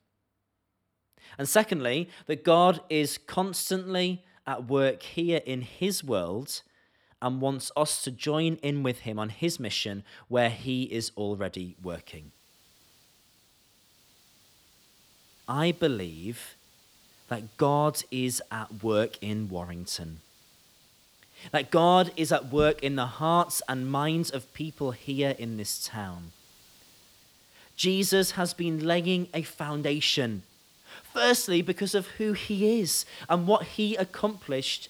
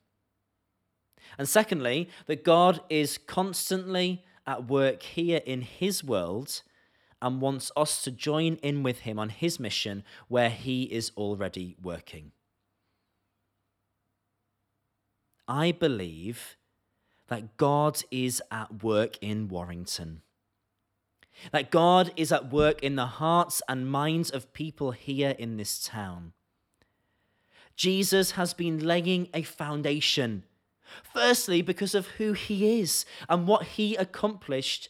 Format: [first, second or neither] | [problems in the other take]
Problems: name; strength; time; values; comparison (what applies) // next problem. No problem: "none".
second | hiss; faint; from 12 s on; 30 dB below the speech